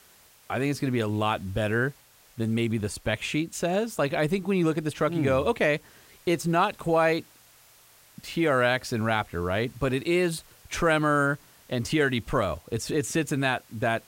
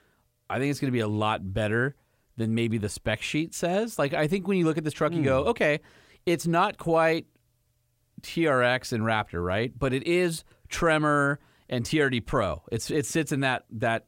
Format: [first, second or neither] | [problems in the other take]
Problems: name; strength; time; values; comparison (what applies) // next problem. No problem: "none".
second | hiss; faint; throughout; 30 dB below the speech